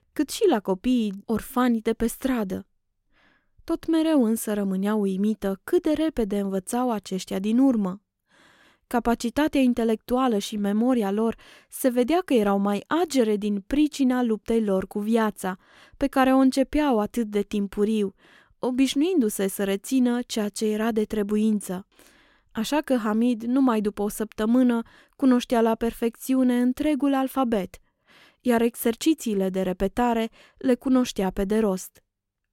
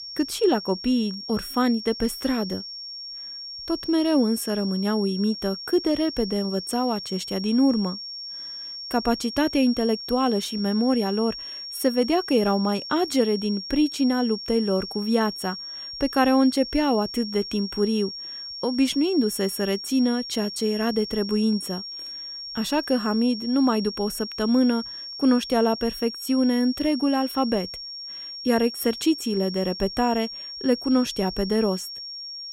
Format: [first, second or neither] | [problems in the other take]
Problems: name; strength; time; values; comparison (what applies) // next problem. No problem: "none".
first | high-pitched whine; loud; throughout; 5.5 kHz, 9 dB below the speech